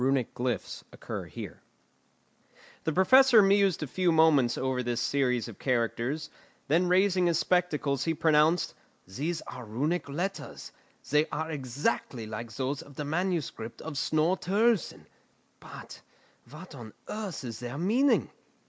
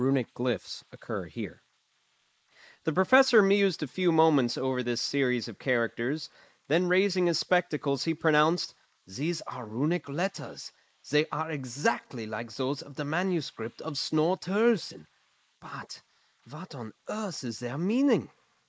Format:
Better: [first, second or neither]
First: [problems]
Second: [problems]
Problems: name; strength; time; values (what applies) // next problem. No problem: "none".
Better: first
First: none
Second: noise reduction (neural mask model Resemble Enhance denoiser)